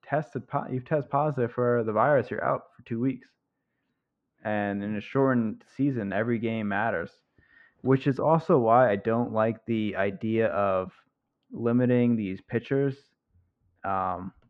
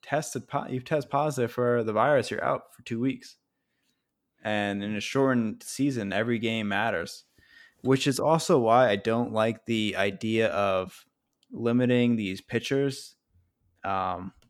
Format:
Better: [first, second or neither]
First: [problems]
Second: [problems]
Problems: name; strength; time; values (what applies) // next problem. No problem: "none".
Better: second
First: muffled; very; fading above 1.5 kHz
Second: none